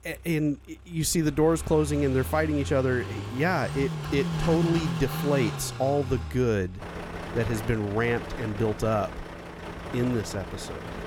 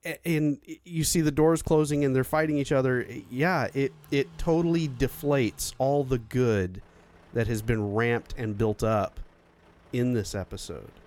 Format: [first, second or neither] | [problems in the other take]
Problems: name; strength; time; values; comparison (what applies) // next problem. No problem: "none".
second | traffic noise; loud; throughout; 7 dB below the speech; faint in the second